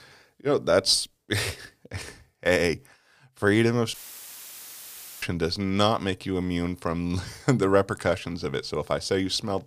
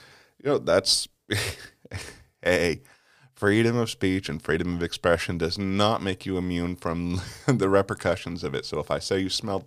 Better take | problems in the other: second | audio cutting out; filled with static; at 4 s for 1.5 s

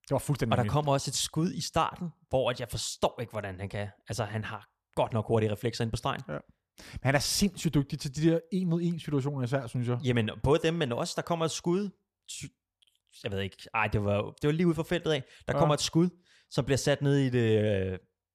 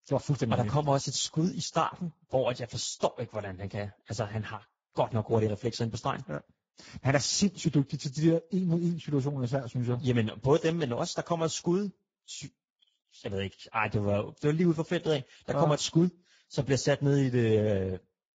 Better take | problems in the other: first | garbled, watery; badly; nothing above 7.5 kHz

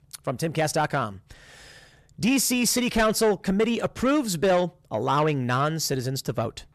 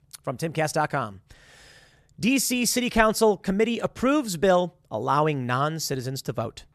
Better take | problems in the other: second | distortion; slight; 10 dB below the speech

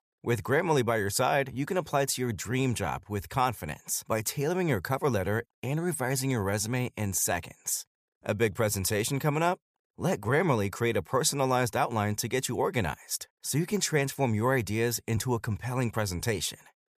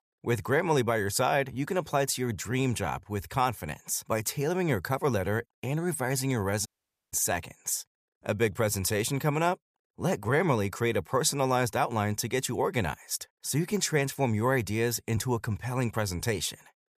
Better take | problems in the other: first | audio cutting out; at 6.5 s

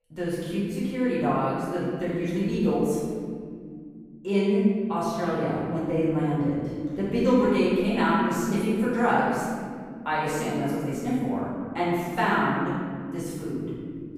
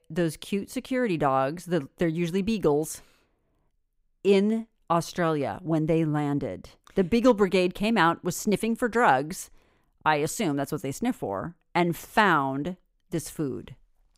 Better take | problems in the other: second | room echo; strong; dies away in 2.3 s // off-mic speech; far

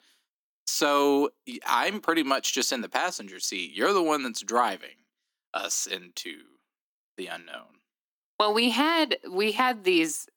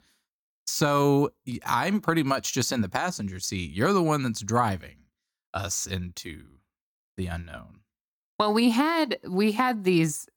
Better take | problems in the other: second | thin; very slightly; fading below 250 Hz

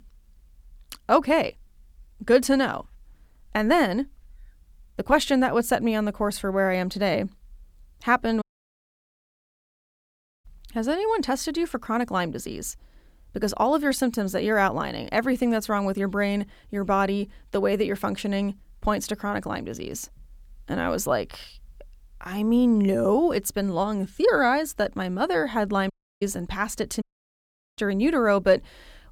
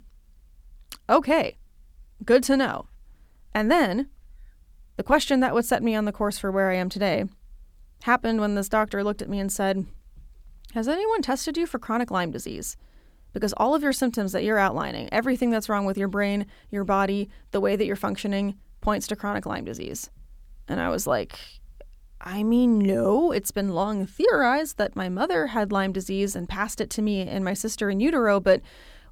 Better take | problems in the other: second | audio cutting out; at 8.5 s for 2 s, at 26 s and at 27 s for 1 s

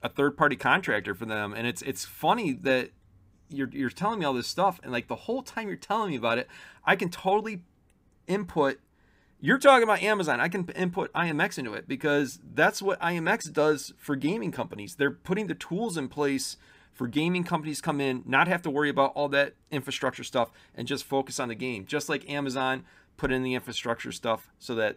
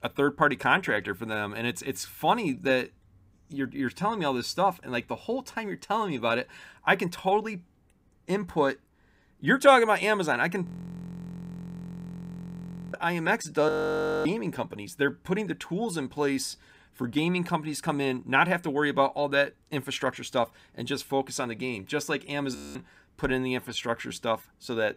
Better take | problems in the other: first | audio freezing; at 11 s for 2.5 s, at 14 s for 0.5 s and at 23 s

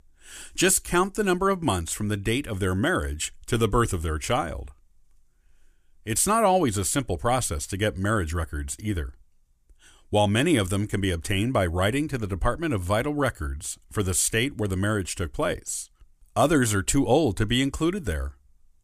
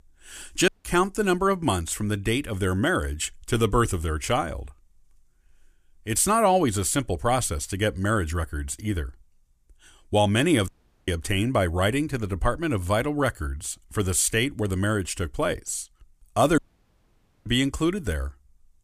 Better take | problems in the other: first | audio cutting out; at 0.5 s, at 11 s and at 17 s for 1 s

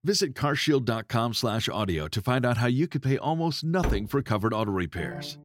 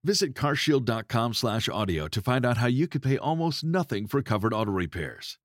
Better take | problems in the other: second | door banging; noticeable; at 4 s; peak 5 dB below the speech // phone ringing; faint; at 5 s; peak 10 dB below the speech

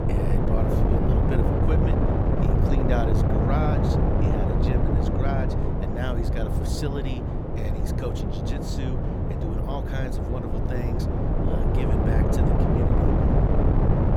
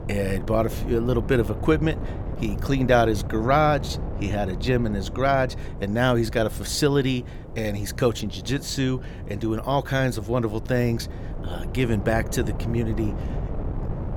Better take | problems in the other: second | wind noise on the microphone; heavy; 5 dB above the speech; occasional gusts in the second

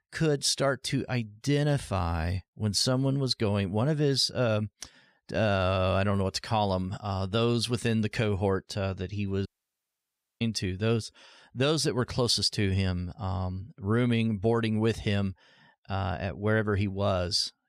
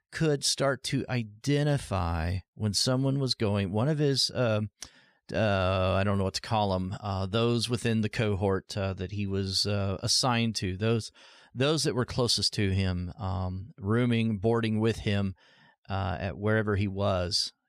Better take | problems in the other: second | audio cutting out; at 9.5 s for 1 s

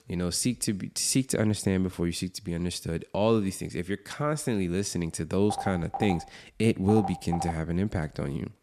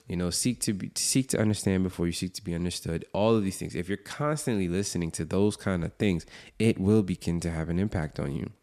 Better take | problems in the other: second | phone ringing; noticeable; from 5.5 to 7.5 s; peak 7 dB below the speech

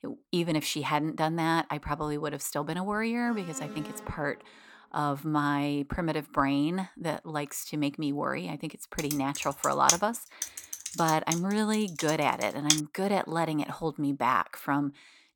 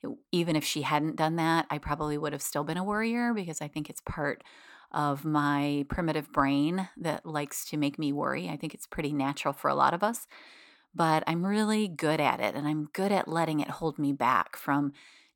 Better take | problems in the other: second | alarm; faint; from 3 to 4.5 s; peak 10 dB below the speech // keyboard typing; loud; from 9 to 13 s; peak 4 dB above the speech

